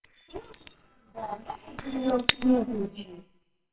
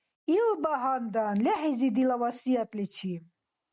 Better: second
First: noise reduction (neural separator model SepFormer WHAMR!)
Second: none

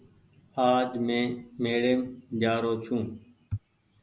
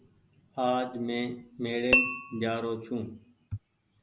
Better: first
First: none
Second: background sound (Tap / Glass); 3 dB above the speech

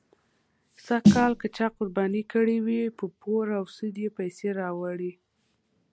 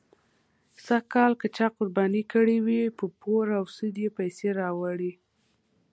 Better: second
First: background sound (Snare drum); 3 dB above the speech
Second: none

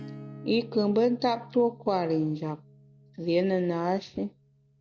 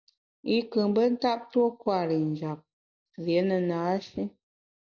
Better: second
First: background sound (Acoustic guitar / Strum); 19 dB below the speech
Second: none

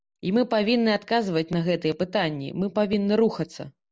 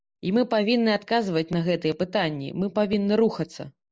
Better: first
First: none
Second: noise reduction (neural mask model Resemble Enhance denoiser)

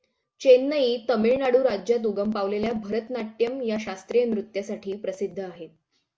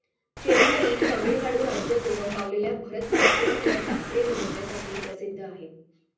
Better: first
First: none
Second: background sound (Cough); 3 dB above the speech // room echo; dies away in 0.6 s

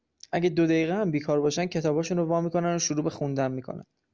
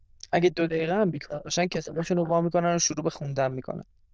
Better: first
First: none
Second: noise reduction (neural diffusion model UNIVERSE++)

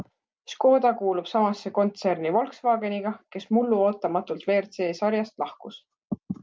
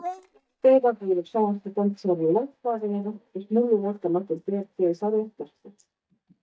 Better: first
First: none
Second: noise reduction (neural mask model DeepFilterNet 3)

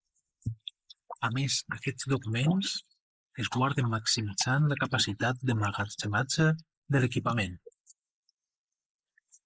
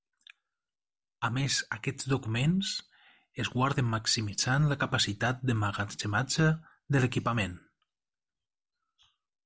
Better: second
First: noise reduction (neural mask model Resemble Enhance denoiser)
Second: none

